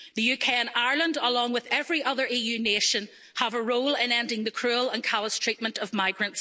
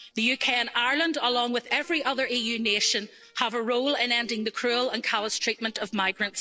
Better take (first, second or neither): first